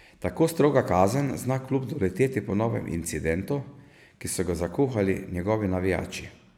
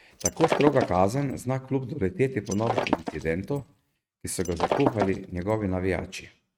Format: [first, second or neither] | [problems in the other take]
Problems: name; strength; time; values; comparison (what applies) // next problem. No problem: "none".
first | noise reduction (neural mask model RNNoise)